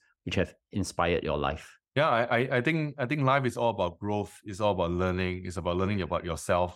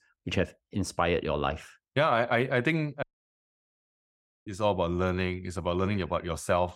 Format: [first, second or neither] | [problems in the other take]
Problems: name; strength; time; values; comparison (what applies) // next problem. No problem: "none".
first | audio cutting out; at 3 s for 1.5 s